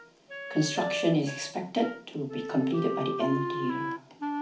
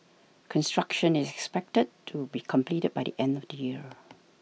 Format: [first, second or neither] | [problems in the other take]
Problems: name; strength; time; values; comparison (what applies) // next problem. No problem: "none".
second | background sound (Wind instrument, woodwind instrument); 5 dB below the speech // room echo; dies away in 0.4 s